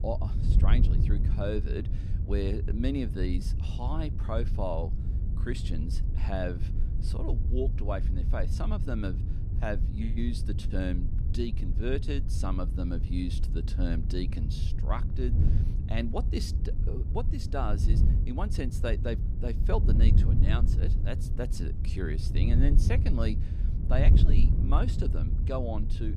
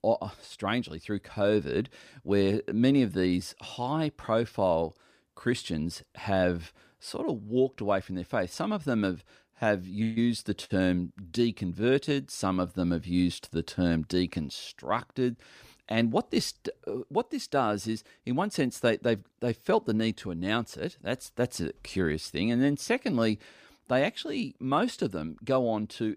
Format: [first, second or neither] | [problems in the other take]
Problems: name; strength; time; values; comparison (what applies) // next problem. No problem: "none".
second | wind noise on the microphone; heavy; 7 dB below the speech